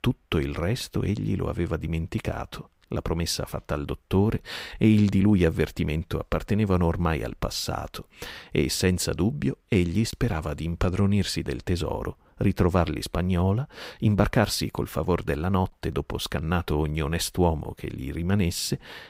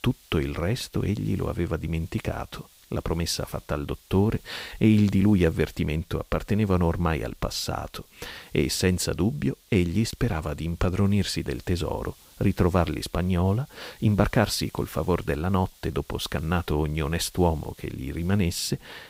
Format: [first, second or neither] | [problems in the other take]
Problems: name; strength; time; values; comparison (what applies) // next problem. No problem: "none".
first | hiss; faint; throughout; 25 dB below the speech